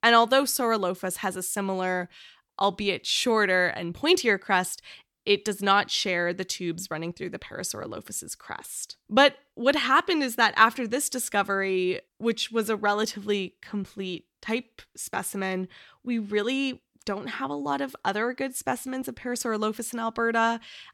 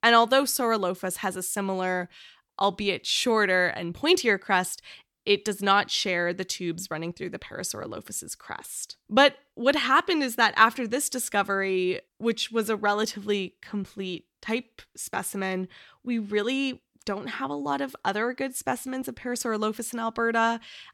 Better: neither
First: none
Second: none

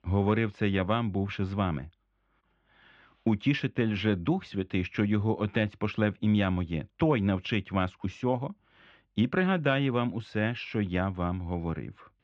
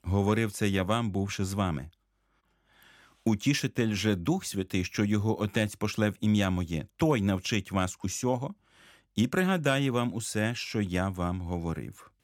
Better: second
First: muffled; very; fading above 3.5 kHz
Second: none

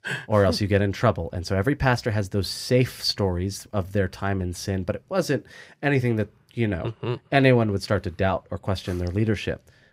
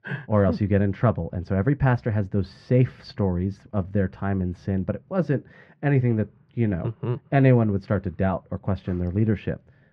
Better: first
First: none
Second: muffled; very; fading above 2 kHz

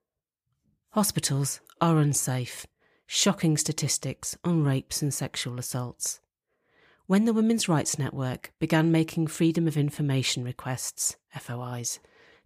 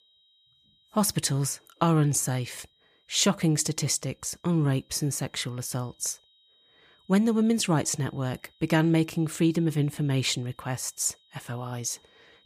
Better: first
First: none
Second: high-pitched whine; faint; throughout; 4 kHz, 35 dB below the speech

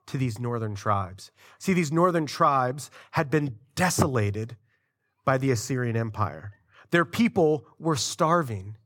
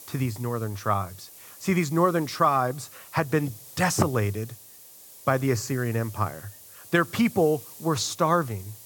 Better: first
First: none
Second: hiss; noticeable; throughout; 20 dB below the speech

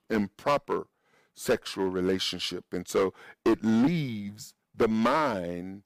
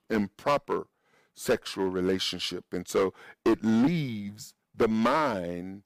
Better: neither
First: distortion; heavy; 5% of the sound clipped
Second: distortion; heavy; 5% of the sound clipped

